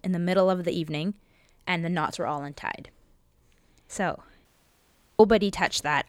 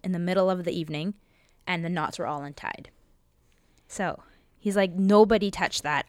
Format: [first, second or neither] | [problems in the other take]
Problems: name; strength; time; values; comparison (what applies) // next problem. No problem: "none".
second | audio cutting out; at 4.5 s for 0.5 s